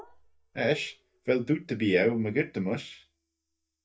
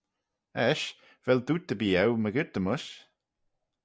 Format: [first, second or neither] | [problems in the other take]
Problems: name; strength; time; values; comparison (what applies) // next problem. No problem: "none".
second | noise reduction (neural mask model DeepFilterNet 3)